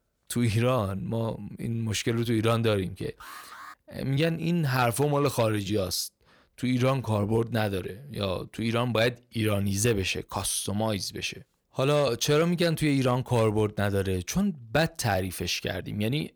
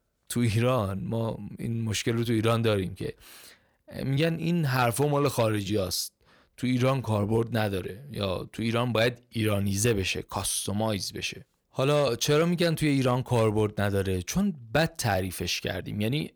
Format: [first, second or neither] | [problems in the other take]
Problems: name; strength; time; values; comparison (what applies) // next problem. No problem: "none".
second | alarm; faint; at 3 s; peak 15 dB below the speech